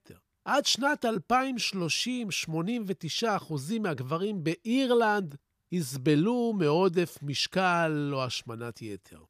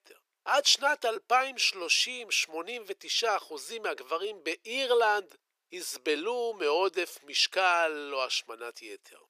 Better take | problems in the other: first | thin; very; fading below 400 Hz

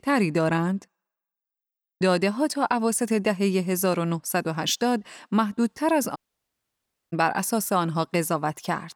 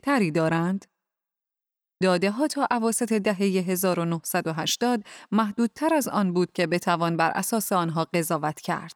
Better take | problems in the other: second | audio cutting out; at 6 s for 1 s

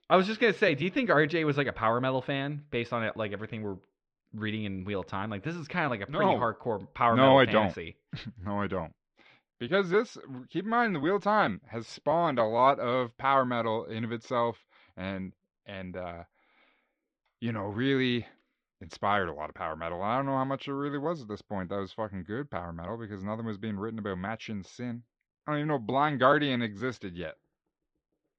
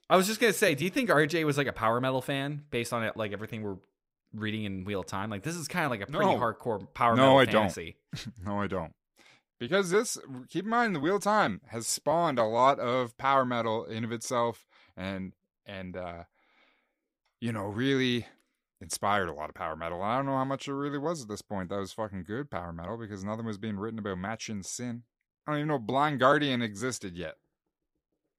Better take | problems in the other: second | muffled; slightly; fading above 4 kHz

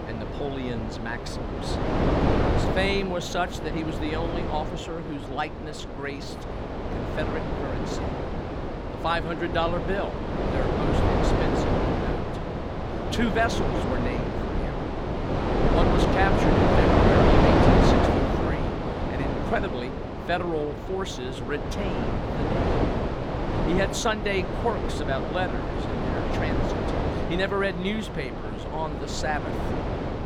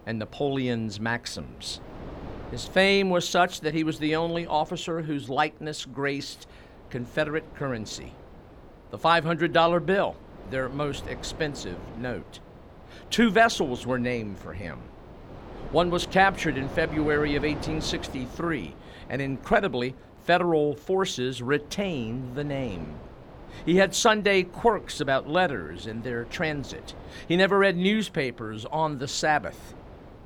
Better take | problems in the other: second | wind noise on the microphone; heavy; 2 dB above the speech; occasional gusts in the second

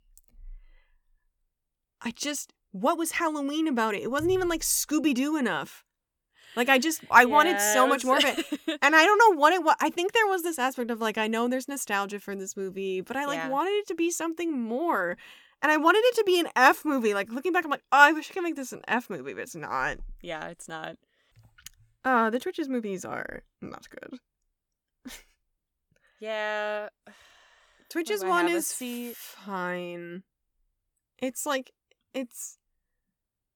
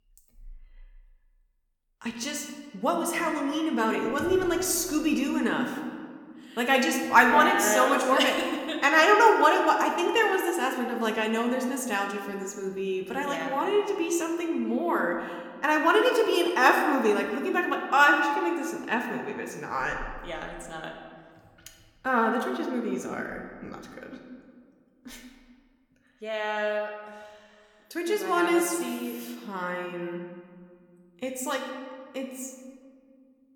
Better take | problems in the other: first | room echo; slight; dies away in 1.4 s

